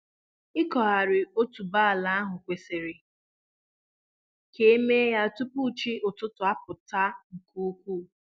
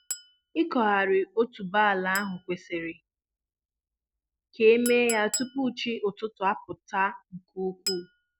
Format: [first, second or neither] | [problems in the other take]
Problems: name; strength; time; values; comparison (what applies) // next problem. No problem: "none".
first | background sound (Chink, clink); 14 dB below the speech